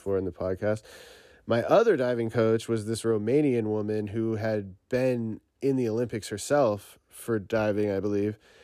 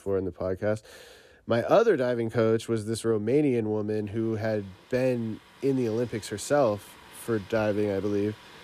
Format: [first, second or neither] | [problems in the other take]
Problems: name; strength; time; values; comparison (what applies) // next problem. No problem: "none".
first | rain or running water; faint; throughout; 25 dB below the speech